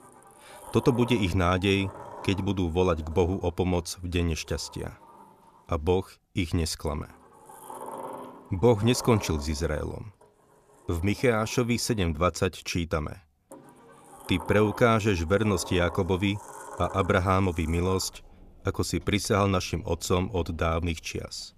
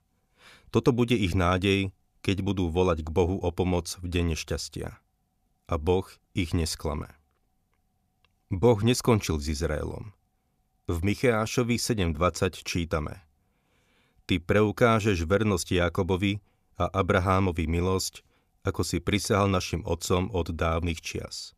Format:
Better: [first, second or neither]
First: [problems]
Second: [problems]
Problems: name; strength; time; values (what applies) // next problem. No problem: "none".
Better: second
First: household noises; noticeable; throughout; 20 dB below the speech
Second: none